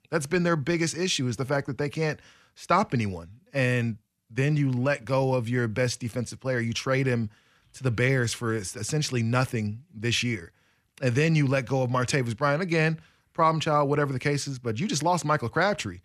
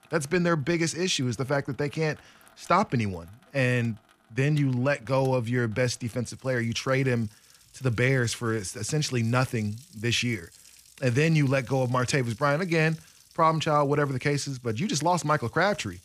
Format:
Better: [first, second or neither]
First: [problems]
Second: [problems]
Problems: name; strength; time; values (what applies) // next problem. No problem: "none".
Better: first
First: none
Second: household noises; faint; throughout; 25 dB below the speech